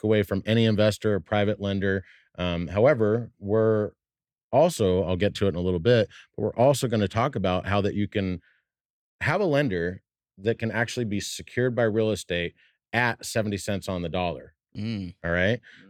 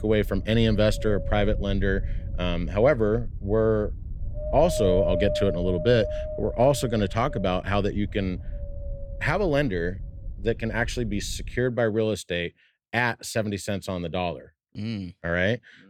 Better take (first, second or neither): first